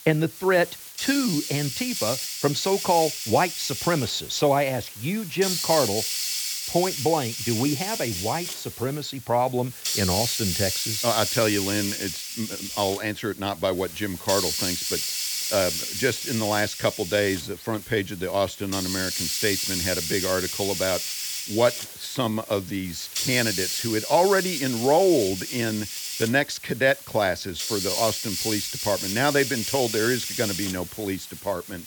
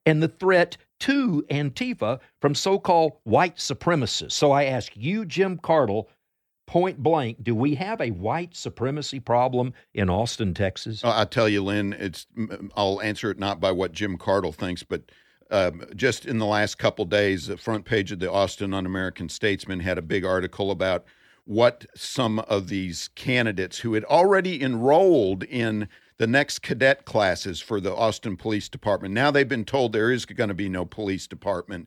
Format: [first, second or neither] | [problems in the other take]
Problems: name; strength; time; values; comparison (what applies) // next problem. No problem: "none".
second | hiss; loud; throughout; 2 dB below the speech